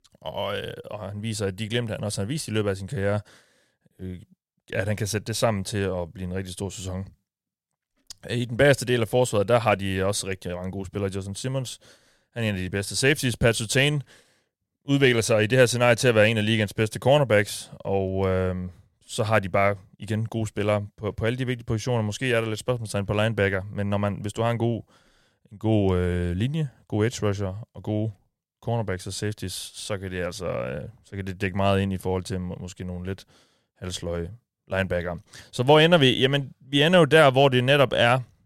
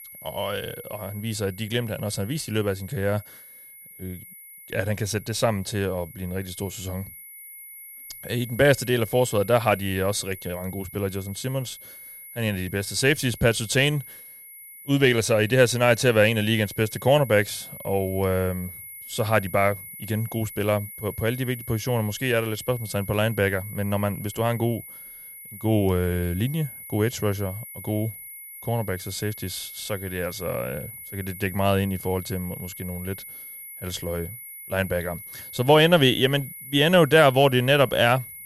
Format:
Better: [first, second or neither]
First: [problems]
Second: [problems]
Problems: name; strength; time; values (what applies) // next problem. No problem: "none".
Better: first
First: none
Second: high-pitched whine; noticeable; throughout; 11.5 kHz, 15 dB below the speech